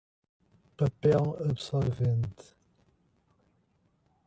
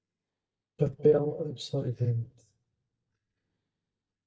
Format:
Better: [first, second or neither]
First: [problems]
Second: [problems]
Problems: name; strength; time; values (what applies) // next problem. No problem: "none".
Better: first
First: none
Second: noise reduction (neural mask model DeepFilterNet 3)